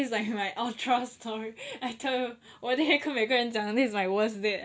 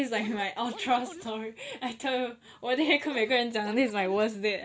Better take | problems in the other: first | background sound (Scratching (performance technique)); 16 dB below the speech

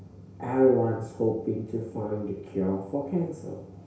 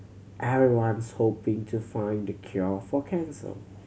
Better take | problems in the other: second | room echo; dies away in 0.6 s

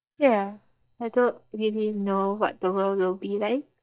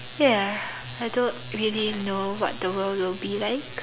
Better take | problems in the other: second | noise reduction (neural mask model DeepFilterNet 3)

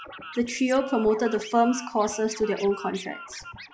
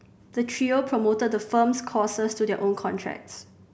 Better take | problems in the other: second | noise reduction (classical method log-MMSE)

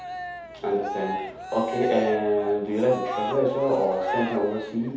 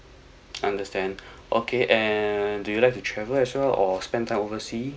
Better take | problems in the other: second | background sound (Cheering); 8 dB below the speech // room echo; dies away in 0.8 s

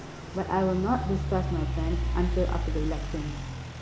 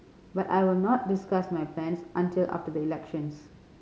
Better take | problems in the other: second | background sound (Idling / Truck); as loud as the speech

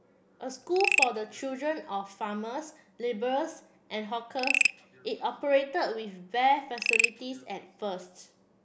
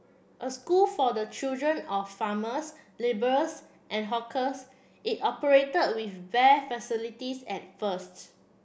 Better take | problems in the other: second | background sound (Frog); 1 dB below the speech

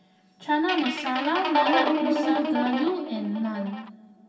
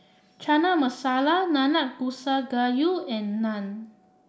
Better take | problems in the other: second | background sound (Guitar); 1 dB above the speech // room echo; dies away in 2.2 s

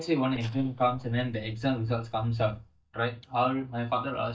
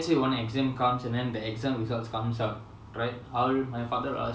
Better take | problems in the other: second | noise reduction (neural mask model DeepFilterNet 3)

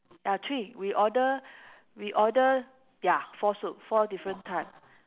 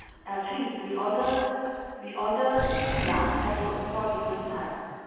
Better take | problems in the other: first | background sound (Animal); 6 dB below the speech // room echo; dies away in 2.1 s

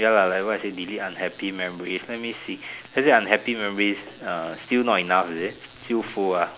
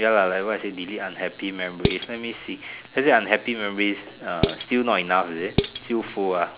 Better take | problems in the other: first | background sound (Dishes, pots, and pans); 4 dB below the speech

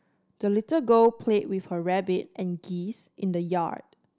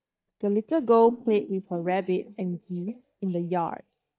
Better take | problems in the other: first | noise reduction (neural mask model DeepFilterNet 3)

